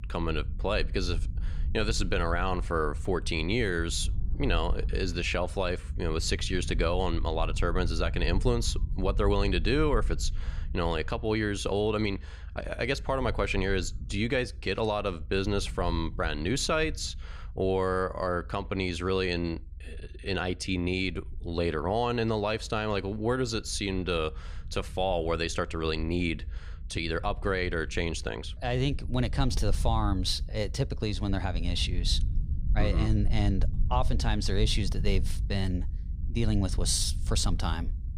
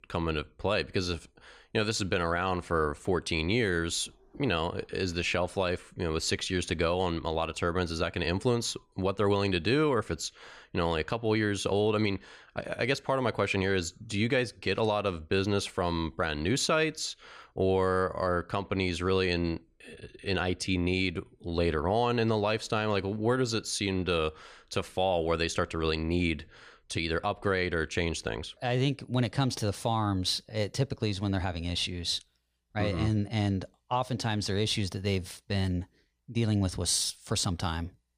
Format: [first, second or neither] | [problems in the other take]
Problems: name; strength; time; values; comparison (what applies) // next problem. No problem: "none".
second | low rumble; faint; throughout; 20 dB below the speech